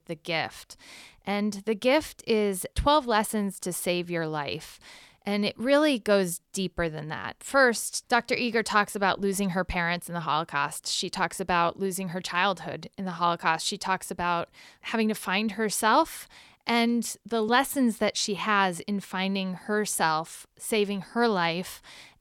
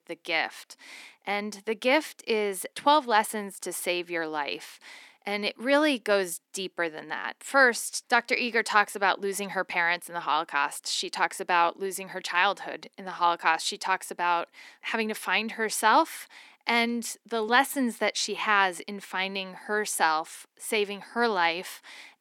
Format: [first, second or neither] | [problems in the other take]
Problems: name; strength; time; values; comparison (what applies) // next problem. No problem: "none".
first | thin; very slightly; fading below 250 Hz